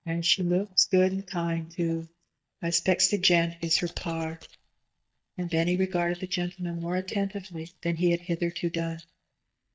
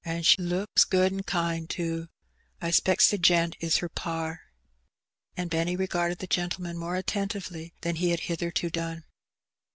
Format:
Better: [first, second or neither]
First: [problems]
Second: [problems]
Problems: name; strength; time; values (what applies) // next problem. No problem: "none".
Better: second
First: noise reduction (neural mask model DeepFilterNet 3)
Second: none